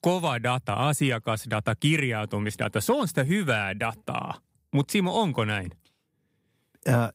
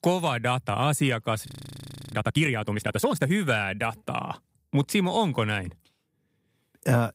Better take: first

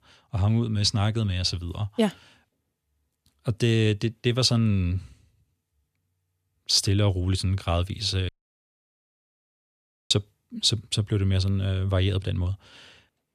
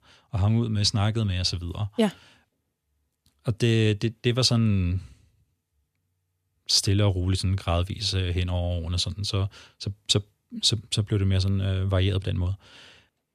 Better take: second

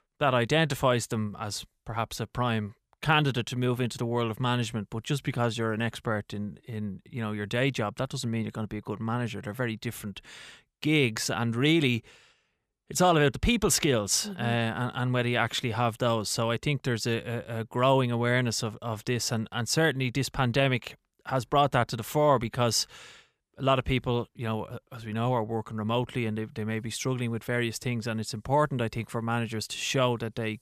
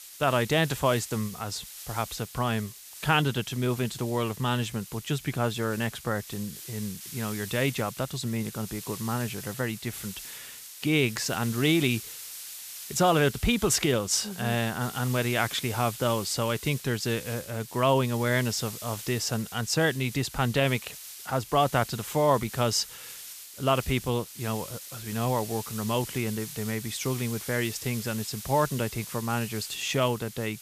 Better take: first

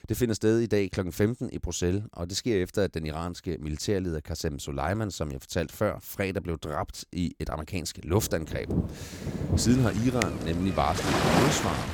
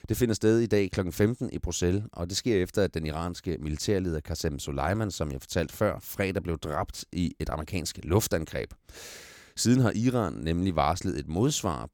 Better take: second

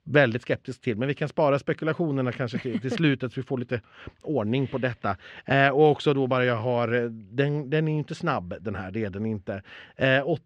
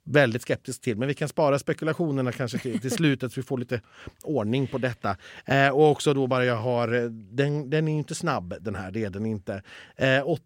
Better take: second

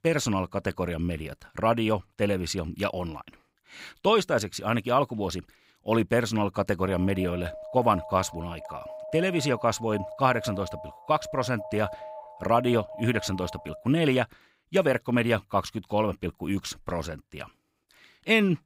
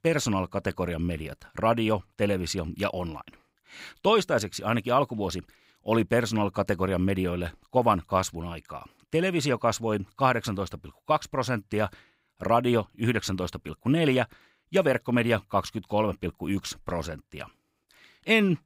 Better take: second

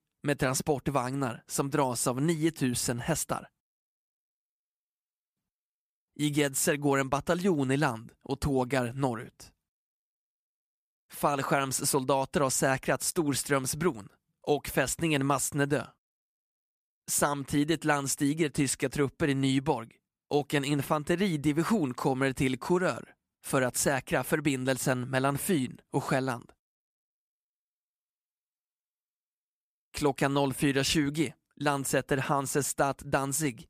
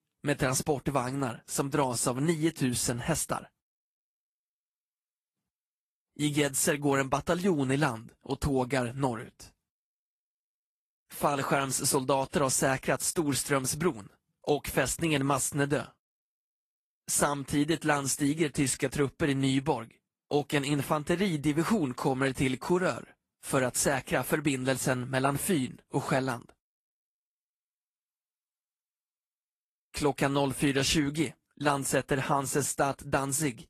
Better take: first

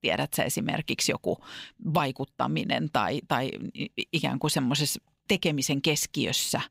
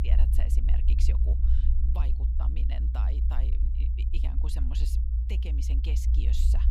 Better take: first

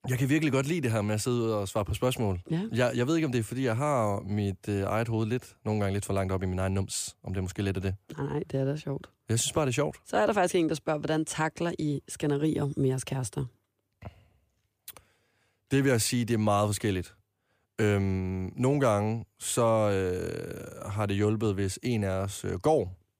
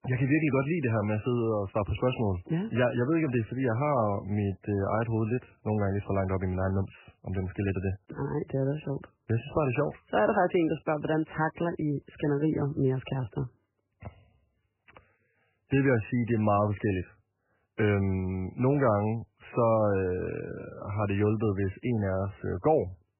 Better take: first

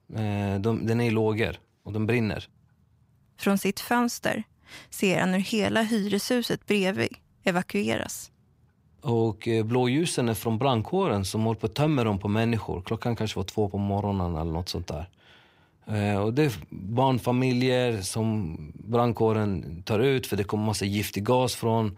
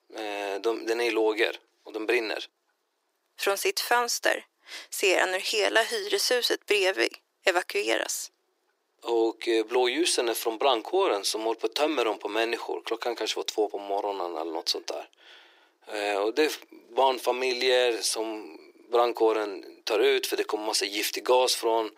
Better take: first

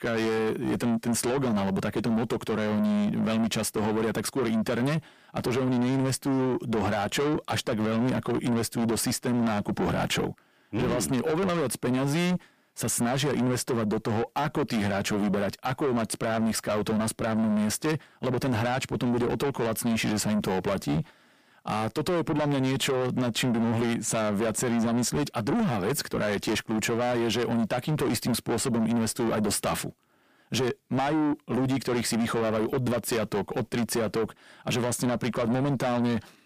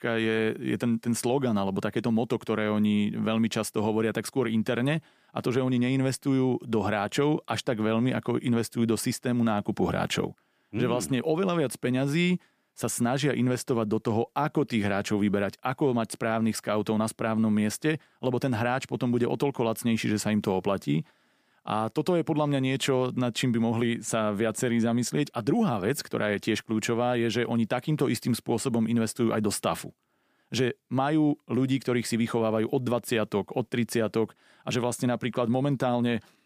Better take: second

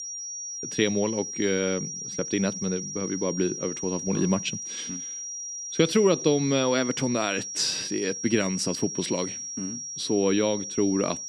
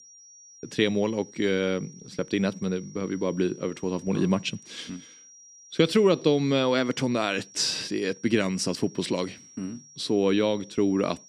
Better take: second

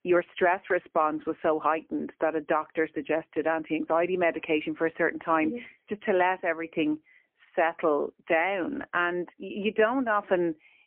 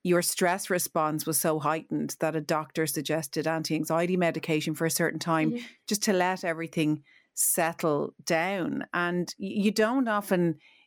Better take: second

